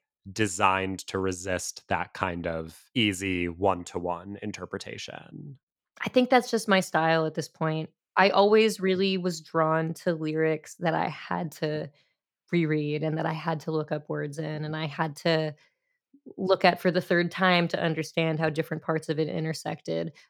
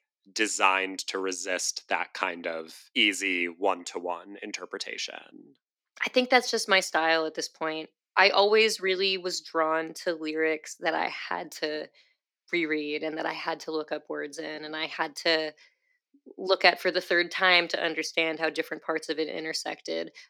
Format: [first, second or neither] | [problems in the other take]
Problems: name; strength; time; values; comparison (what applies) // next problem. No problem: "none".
first | thin; somewhat; fading below 250 Hz